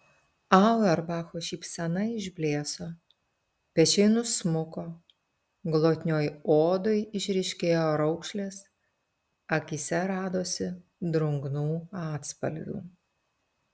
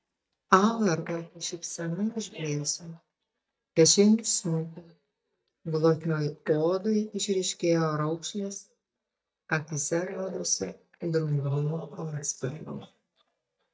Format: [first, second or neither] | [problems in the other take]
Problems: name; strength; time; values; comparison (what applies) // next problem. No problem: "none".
first | noise reduction (neural mask model DeepFilterNet 3)